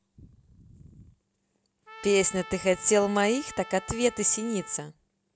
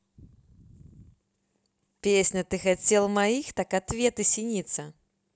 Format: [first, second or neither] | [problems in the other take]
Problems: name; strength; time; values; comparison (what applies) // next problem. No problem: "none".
second | background sound (Trumpet); 17 dB below the speech